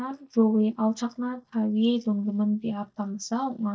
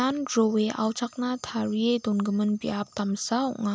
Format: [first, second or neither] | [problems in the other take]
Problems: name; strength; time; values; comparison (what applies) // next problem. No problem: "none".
second | noise reduction (neural mask model DeepFilterNet 3)